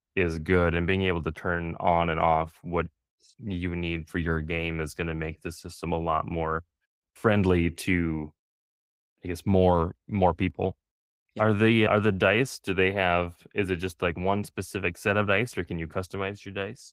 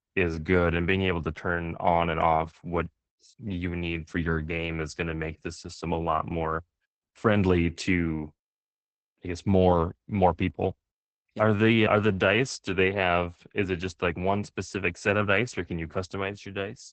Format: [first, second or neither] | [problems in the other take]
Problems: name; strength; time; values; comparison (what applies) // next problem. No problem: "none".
first | garbled, watery; badly; nothing above 8 kHz; slightly in the first